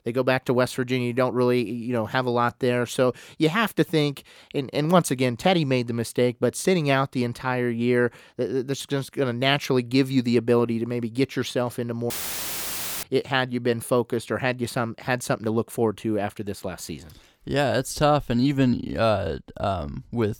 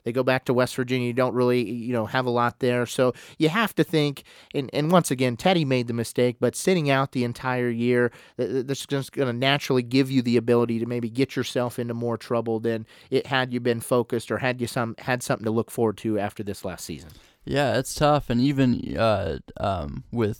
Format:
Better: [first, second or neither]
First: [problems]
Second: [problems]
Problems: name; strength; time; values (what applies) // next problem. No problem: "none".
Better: second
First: audio cutting out; filled with static; at 12 s for 1 s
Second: none